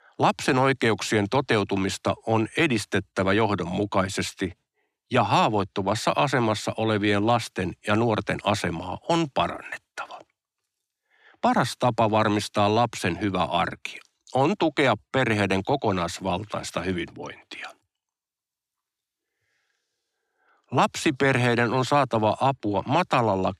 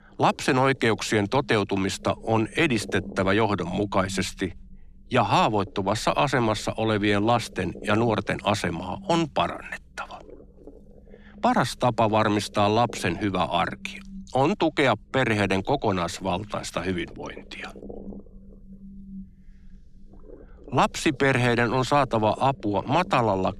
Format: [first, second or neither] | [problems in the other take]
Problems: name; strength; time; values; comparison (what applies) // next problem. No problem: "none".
first | low rumble; faint; throughout; 25 dB below the speech